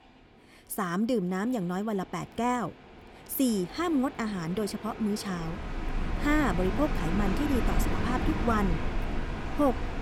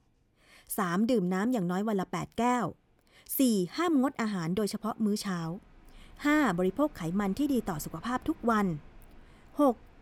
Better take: second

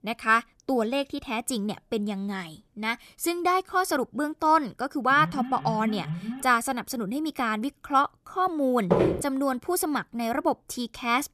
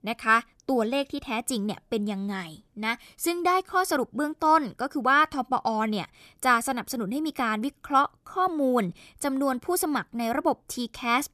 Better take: second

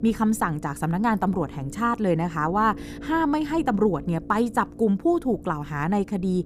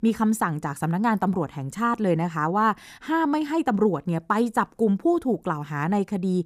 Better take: second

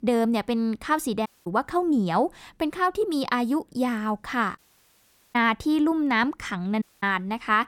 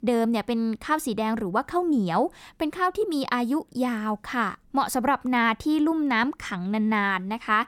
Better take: second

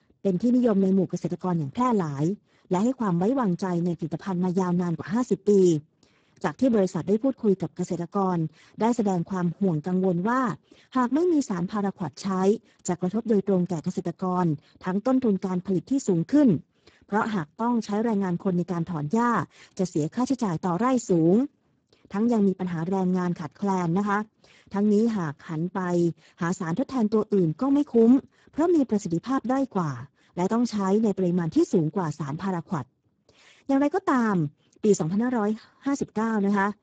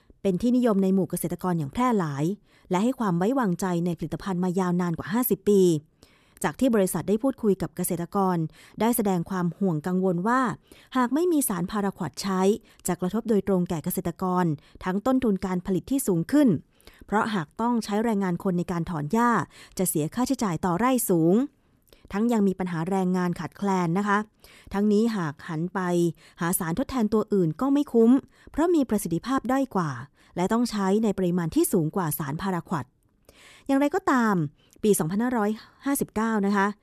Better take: second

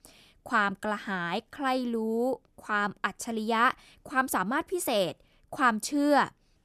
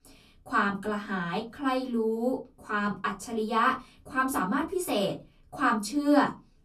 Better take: first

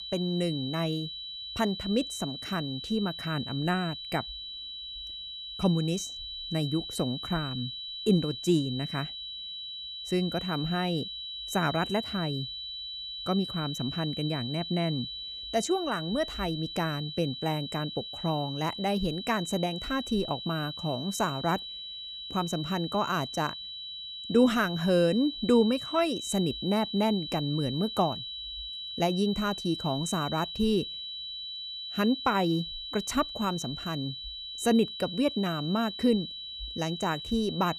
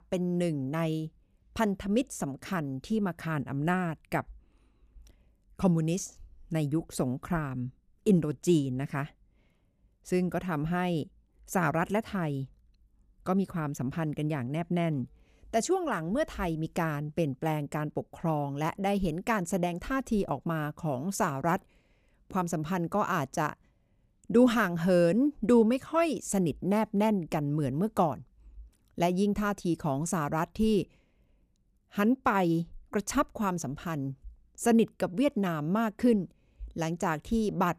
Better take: second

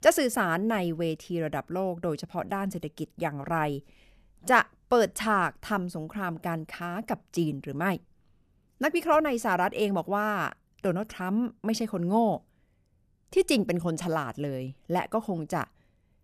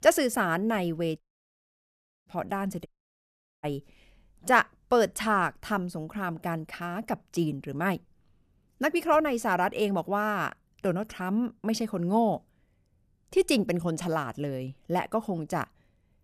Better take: first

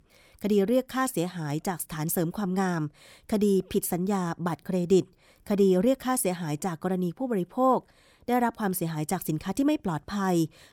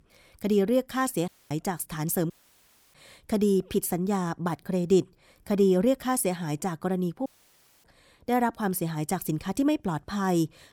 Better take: first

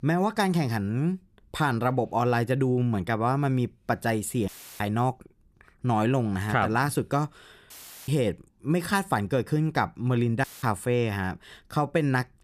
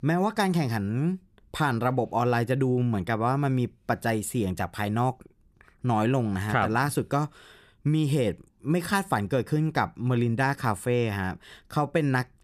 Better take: second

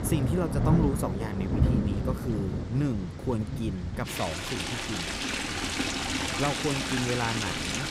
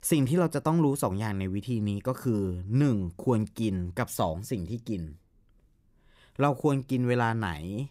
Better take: second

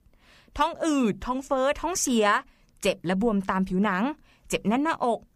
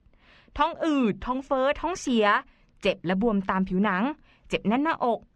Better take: first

